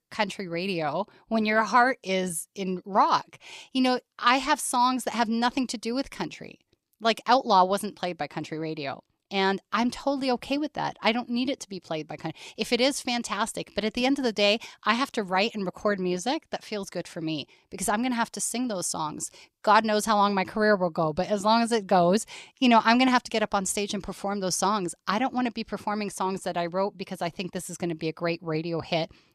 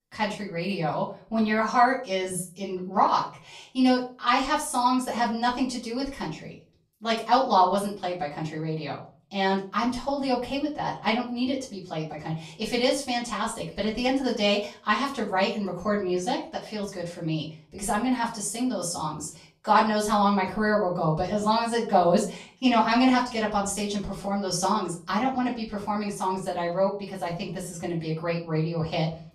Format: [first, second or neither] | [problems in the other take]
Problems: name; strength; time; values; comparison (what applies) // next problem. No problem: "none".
first | room echo; slight; dies away in 0.4 s // off-mic speech; far